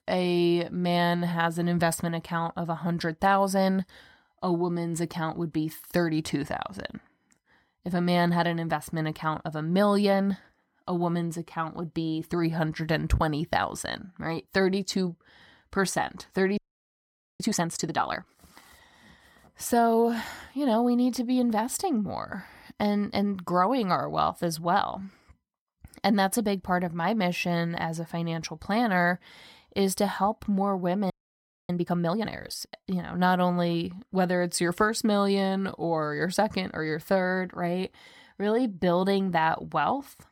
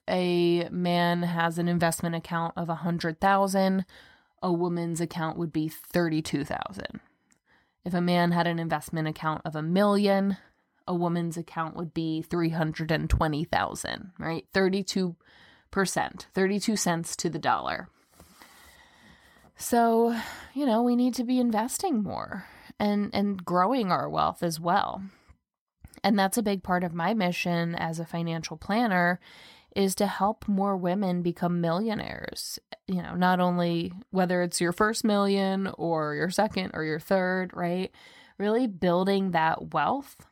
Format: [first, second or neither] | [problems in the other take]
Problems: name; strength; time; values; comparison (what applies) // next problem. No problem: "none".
second | audio freezing; at 17 s for 1 s and at 31 s for 0.5 s